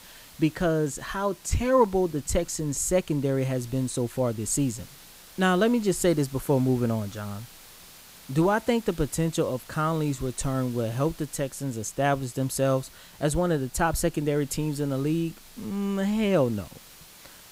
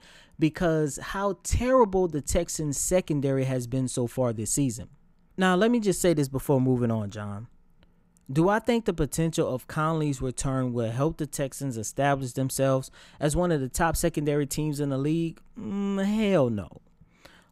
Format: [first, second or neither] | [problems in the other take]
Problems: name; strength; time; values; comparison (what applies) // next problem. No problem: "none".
second | hiss; faint; throughout; 20 dB below the speech